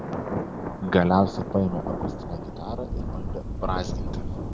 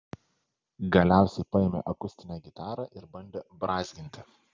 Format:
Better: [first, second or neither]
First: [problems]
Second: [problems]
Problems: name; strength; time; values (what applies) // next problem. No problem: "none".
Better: second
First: background sound (Thunder); 3 dB below the speech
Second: none